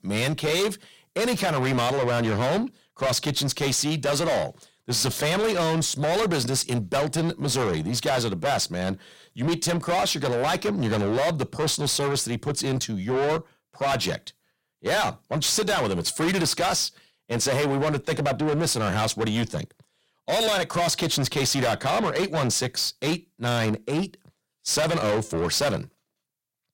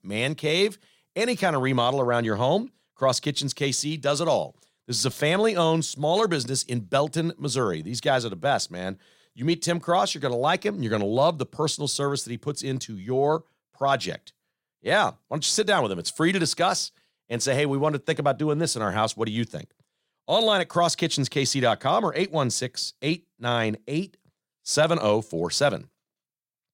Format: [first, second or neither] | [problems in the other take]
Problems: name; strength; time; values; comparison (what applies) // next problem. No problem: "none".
second | distortion; heavy; 6 dB below the speech